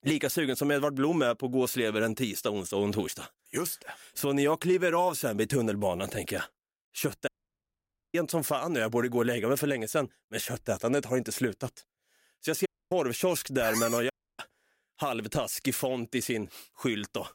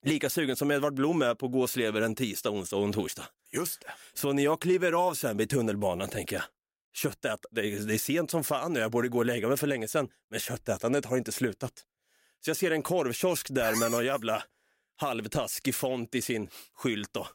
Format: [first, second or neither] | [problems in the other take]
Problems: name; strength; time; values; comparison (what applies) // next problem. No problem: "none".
second | audio cutting out; at 7.5 s for 1 s, at 13 s and at 14 s